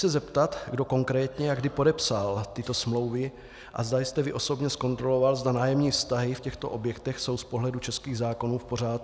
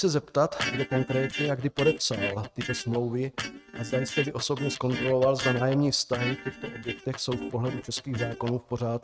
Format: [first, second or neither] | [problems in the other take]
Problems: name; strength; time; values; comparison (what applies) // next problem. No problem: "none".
first | noise reduction (neural mask model RNNoise)